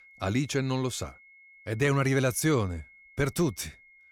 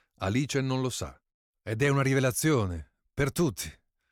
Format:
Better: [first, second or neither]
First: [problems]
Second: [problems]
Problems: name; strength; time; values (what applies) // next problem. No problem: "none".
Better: second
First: high-pitched whine; faint; throughout; 2 kHz, 25 dB below the speech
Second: none